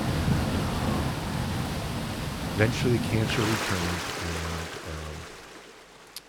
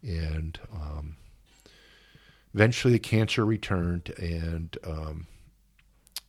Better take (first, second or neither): second